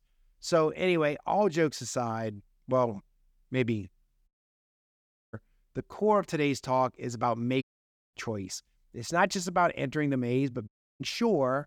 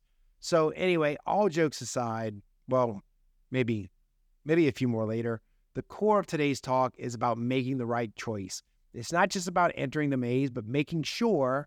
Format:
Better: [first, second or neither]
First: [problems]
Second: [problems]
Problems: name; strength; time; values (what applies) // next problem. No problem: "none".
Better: second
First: audio cutting out; at 4.5 s for 1 s, at 7.5 s for 0.5 s and at 11 s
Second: none